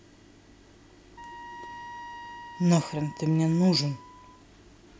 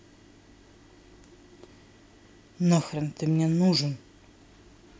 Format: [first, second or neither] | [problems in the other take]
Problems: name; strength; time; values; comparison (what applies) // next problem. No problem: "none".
second | background sound (Wind instrument, woodwind instrument); 15 dB below the speech